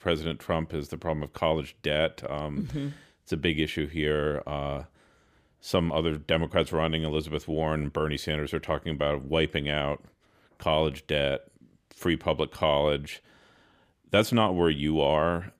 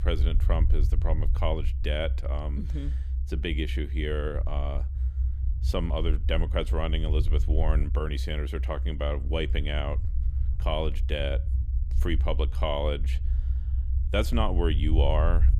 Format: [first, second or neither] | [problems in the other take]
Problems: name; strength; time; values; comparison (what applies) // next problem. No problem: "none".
first | low rumble; noticeable; throughout; 15 dB below the speech